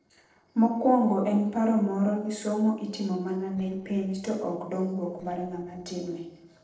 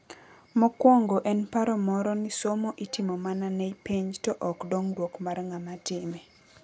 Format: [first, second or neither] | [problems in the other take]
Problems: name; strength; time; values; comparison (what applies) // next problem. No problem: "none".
second | noise reduction (neural separator model SepFormer DNS4)